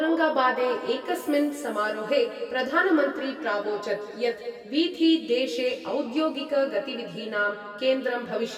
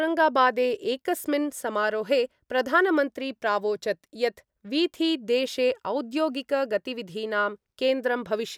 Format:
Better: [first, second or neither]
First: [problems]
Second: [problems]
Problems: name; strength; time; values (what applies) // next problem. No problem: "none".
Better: second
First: room echo; dies away in 2.1 s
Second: none